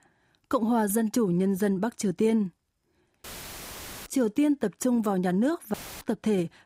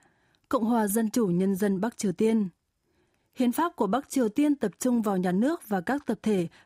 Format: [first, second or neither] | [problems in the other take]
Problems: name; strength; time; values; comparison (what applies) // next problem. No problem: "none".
second | audio cutting out; filled with static; at 3 s for 1 s and at 5.5 s